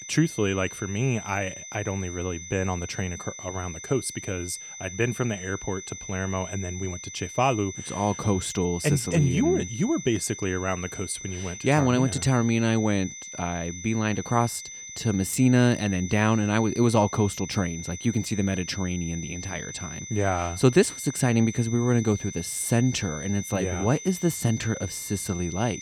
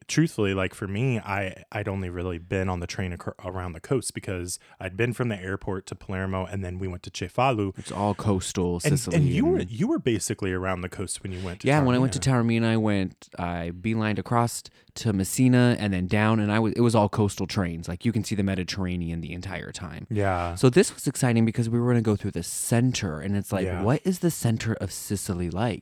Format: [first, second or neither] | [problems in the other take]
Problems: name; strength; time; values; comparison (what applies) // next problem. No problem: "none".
second | high-pitched whine; noticeable; throughout; 6 kHz, 10 dB below the speech